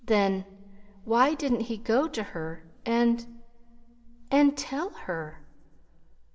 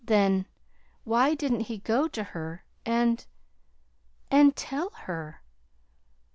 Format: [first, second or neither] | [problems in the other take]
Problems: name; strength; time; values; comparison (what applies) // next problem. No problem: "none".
second | room echo; dies away in 1 s